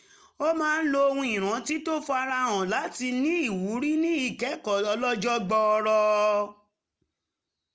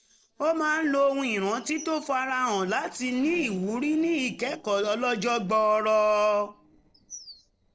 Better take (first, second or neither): first